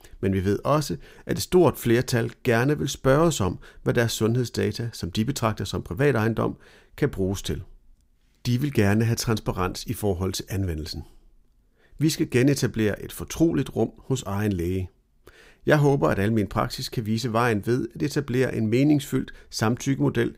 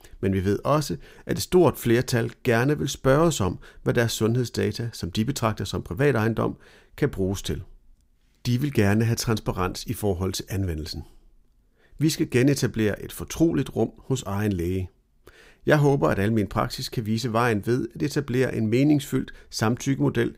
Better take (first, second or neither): neither